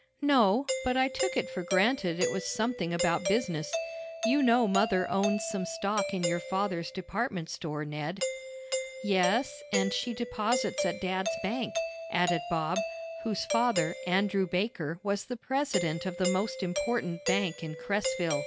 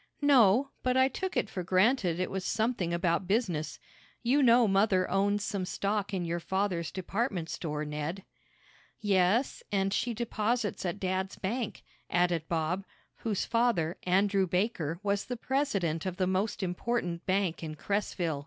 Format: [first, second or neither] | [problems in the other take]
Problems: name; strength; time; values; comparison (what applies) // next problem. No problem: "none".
second | background sound (Doorbell); 5 dB below the speech